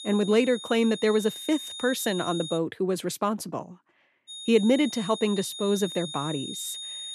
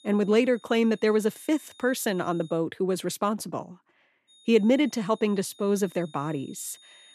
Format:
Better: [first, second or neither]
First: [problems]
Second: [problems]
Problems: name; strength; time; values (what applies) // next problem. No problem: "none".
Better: second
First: high-pitched whine; loud; until 2.5 s and from 4.5 s on; 3.5 kHz, 10 dB below the speech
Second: high-pitched whine; faint; until 2.5 s and from 4.5 s on; 3.5 kHz, 25 dB below the speech